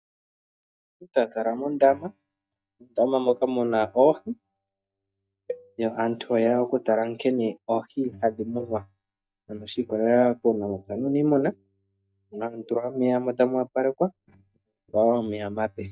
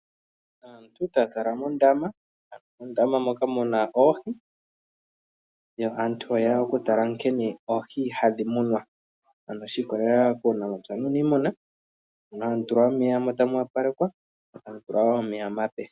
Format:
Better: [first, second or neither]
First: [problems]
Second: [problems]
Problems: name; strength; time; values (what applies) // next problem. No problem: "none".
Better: second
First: noise reduction (neural mask model DeepFilterNet 3)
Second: none